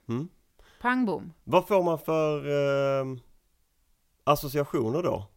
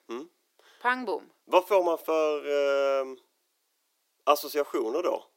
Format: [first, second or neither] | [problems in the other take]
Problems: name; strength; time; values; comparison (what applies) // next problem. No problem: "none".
first | thin; somewhat; fading below 350 Hz